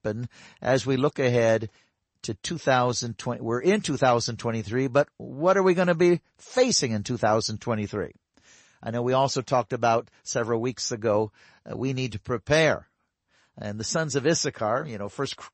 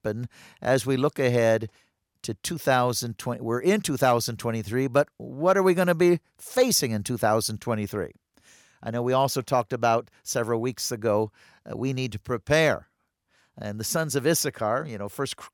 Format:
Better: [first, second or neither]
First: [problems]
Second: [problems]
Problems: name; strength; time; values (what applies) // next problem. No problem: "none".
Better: second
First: garbled, watery; slightly; nothing above 8 kHz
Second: none